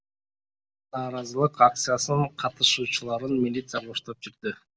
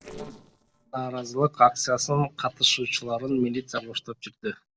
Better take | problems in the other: first | noise reduction (neural separator model SepFormer DNS4)

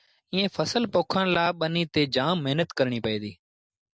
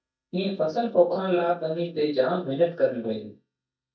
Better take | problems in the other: first | noise reduction (neural mask model DeepFilterNet 3)

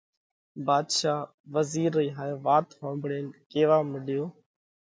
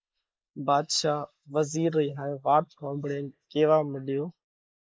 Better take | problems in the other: first | noise reduction (neural mask model Resemble Enhance denoiser)

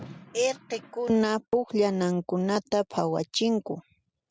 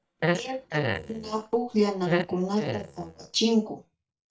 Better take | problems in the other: first | noise reduction (neural mask model DeepFilterNet 3)

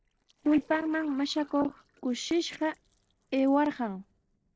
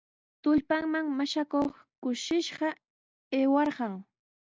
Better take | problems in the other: second | noise reduction (neural separator model SepFormer DNS4)

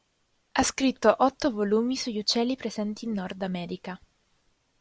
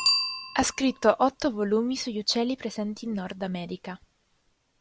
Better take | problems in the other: first | background sound (Bicycle bell); 7 dB below the speech

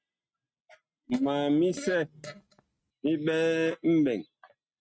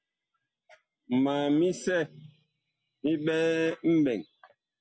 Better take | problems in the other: second | noise reduction (neural mask model RNNoise)

